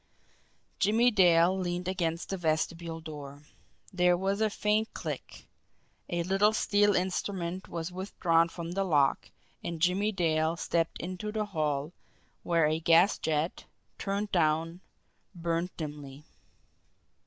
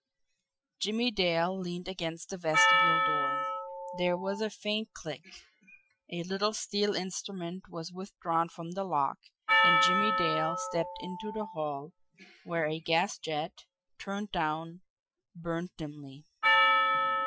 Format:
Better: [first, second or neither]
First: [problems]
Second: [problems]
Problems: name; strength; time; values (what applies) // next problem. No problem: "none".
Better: first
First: none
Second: noise reduction (classical method Wiener filter)